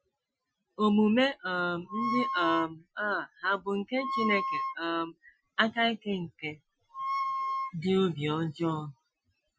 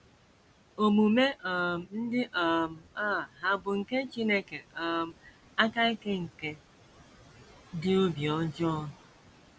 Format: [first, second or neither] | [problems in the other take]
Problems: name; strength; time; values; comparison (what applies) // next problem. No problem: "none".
second | noise reduction (classical method Wiener filter)